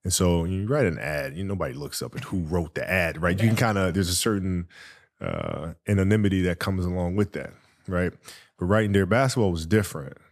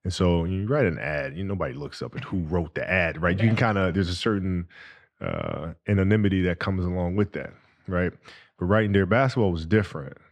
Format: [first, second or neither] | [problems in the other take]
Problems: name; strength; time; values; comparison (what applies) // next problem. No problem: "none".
first | muffled; slightly; fading above 3 kHz